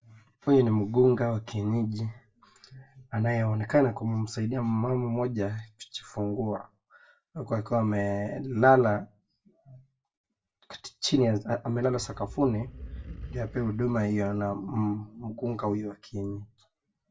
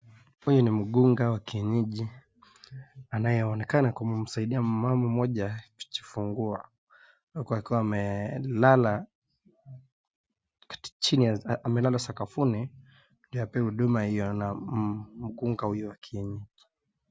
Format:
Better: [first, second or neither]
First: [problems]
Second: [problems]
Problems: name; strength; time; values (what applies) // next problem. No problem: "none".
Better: second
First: background sound (Animal); 14 dB below the speech // room echo; dies away in 0.2 s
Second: none